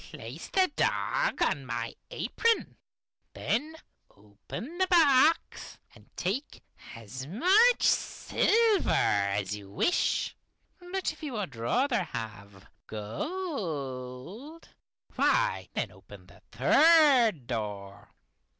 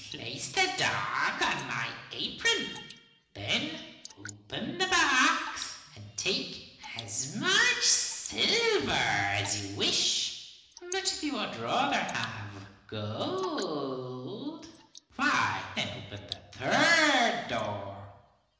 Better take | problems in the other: first | noise reduction (neural separator model SepFormer DNS4)

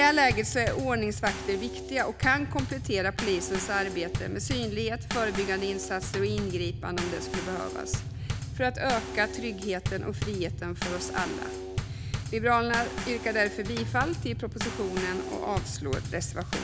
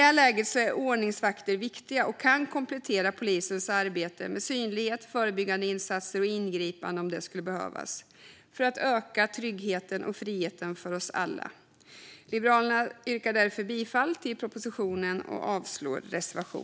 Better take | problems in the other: second | background sound (Bass drum / Snare drum / Drum kit); 4 dB below the speech

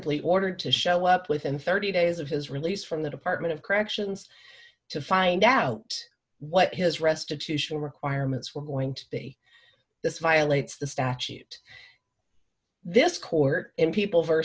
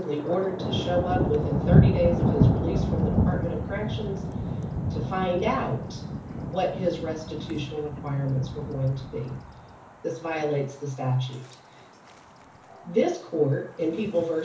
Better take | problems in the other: first | background sound (Thunder); 1 dB above the speech // room echo; dies away in 0.7 s

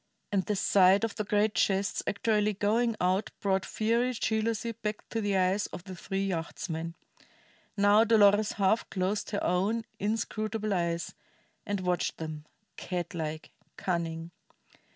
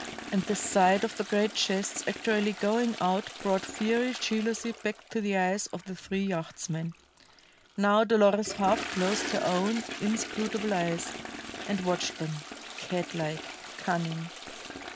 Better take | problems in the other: first | background sound (Toilet flush); 11 dB below the speech

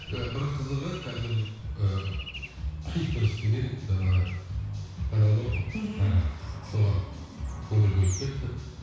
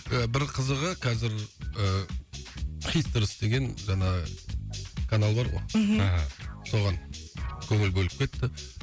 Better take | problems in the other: second | background sound (Traffic noise, roadway noise / Bird); 18 dB below the speech // room echo; dies away in 1.1 s

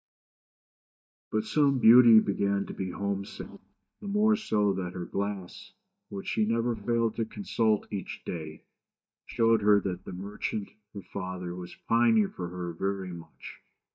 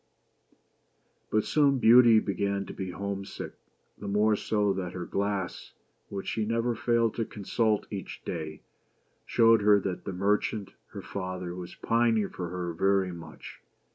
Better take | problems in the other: second | noise reduction (neural mask model DeepFilterNet 3)

